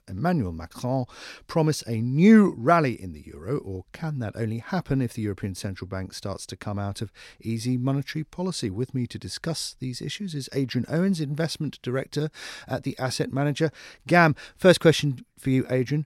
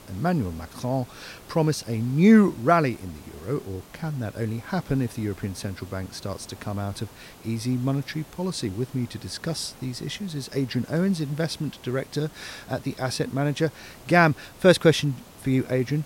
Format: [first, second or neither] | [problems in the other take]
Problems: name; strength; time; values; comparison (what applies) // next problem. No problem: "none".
first | hiss; faint; throughout; 20 dB below the speech